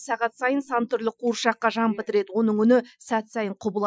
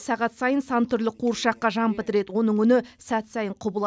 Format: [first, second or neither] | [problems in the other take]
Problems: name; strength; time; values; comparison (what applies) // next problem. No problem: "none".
second | noise reduction (classical method Wiener filter)